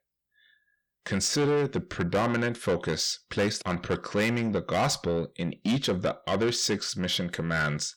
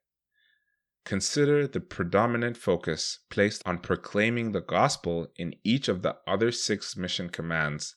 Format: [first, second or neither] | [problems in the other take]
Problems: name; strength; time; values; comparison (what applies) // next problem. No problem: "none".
second | distortion; heavy; 8 dB below the speech